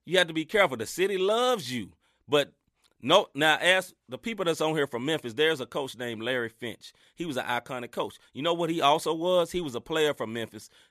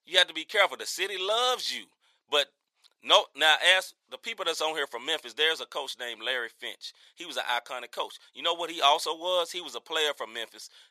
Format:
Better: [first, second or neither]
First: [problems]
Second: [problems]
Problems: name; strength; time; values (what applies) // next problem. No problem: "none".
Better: first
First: none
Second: thin; very; fading below 700 Hz